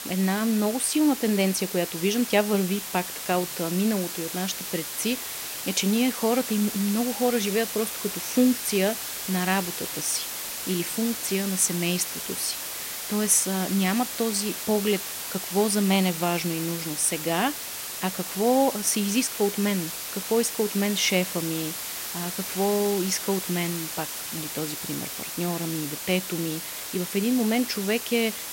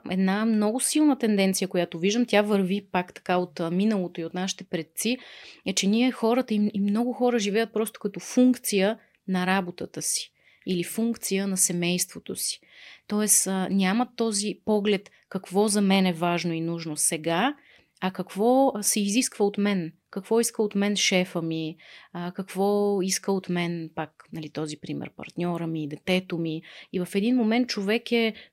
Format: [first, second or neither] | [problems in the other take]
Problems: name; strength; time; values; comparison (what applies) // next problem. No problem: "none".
second | hiss; loud; throughout; 5 dB below the speech